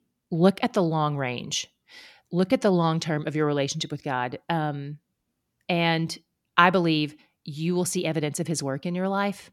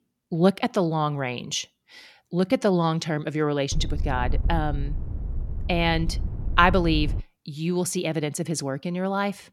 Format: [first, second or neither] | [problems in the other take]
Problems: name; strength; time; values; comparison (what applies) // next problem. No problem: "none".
first | wind noise on the microphone; occasional gusts; from 3.5 to 7 s; 20 dB below the speech